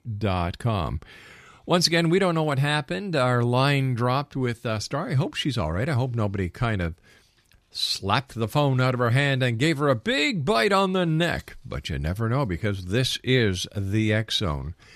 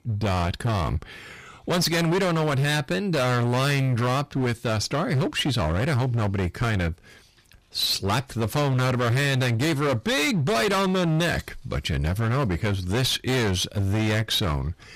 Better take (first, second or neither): first